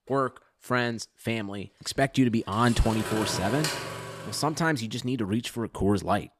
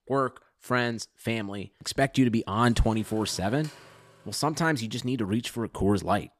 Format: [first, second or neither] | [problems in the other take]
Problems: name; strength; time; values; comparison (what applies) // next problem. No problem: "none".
second | traffic noise; loud; until 4 s; 6 dB below the speech; faint in the second